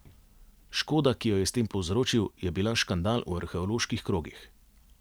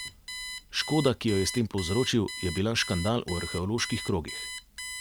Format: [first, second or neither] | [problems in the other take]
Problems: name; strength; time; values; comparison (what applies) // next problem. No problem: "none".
first | background sound (Alarm); 10 dB below the speech